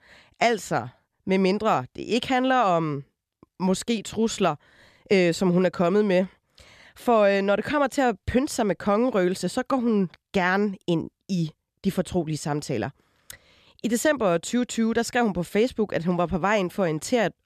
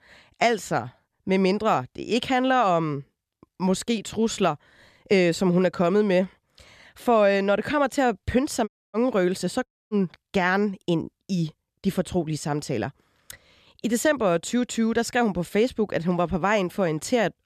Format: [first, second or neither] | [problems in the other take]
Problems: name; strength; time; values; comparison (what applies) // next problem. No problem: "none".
first | audio cutting out; at 8.5 s and at 9.5 s